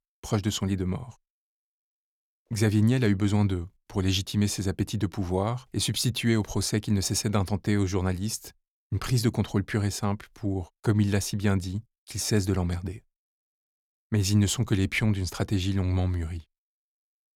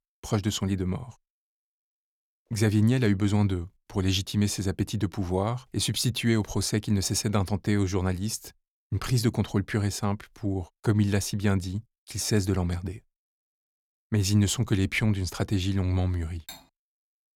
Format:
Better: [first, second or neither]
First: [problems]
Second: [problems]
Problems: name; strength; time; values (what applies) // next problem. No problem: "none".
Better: first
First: none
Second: clattering dishes; faint; at 16 s; peak 15 dB below the speech